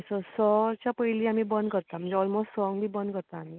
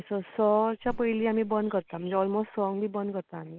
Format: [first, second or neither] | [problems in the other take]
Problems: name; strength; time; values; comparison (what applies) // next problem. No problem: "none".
first | background sound (Whoosh, swoosh, swish); 17 dB below the speech